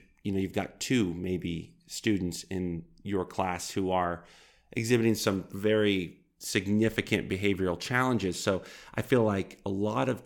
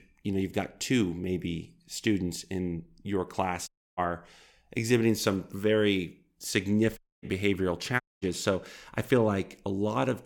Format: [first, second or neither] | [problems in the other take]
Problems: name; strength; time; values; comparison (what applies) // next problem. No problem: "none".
first | audio cutting out; at 3.5 s, at 7 s and at 8 s